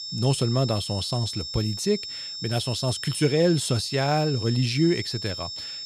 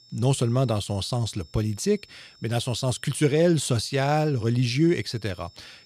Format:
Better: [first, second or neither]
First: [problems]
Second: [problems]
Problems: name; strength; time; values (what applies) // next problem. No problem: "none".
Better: second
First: high-pitched whine; loud; throughout; 5.5 kHz, 7 dB below the speech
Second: high-pitched whine; faint; throughout; 5.5 kHz, 25 dB below the speech